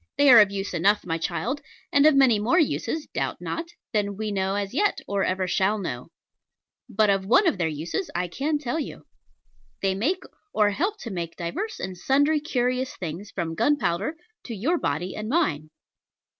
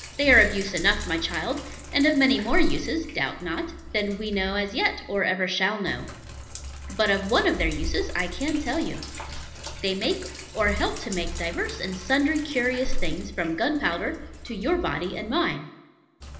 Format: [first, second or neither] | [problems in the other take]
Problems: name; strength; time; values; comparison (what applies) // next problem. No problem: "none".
first | background sound (Sink (filling or washing)); 6 dB below the speech // room echo; dies away in 0.8 s